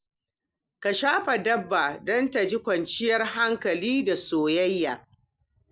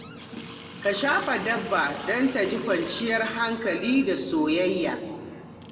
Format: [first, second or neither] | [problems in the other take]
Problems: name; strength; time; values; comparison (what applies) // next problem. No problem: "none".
first | background sound (Water tap, faucet); 14 dB below the speech // room echo; dies away in 1.8 s